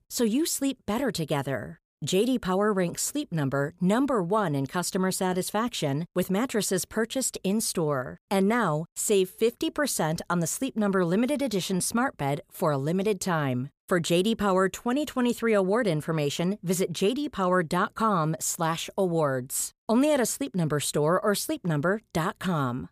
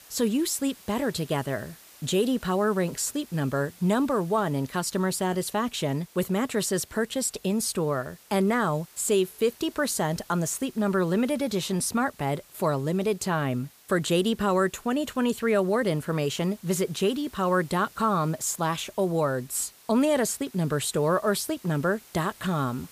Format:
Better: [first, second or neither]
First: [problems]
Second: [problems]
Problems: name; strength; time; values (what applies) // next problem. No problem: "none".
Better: first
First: none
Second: hiss; faint; throughout; 25 dB below the speech